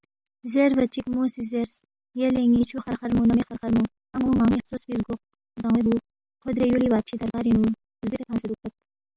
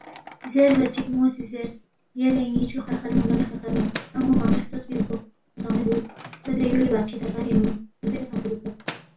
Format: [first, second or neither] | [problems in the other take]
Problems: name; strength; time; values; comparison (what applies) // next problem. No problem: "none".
first | background sound (Microwave oven); 20 dB below the speech // room echo; dies away in 0.3 s